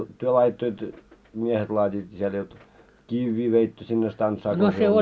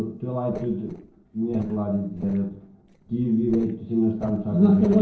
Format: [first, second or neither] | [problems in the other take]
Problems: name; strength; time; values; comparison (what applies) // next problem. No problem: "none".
first | noise reduction (neural separator model SepFormer DNS4)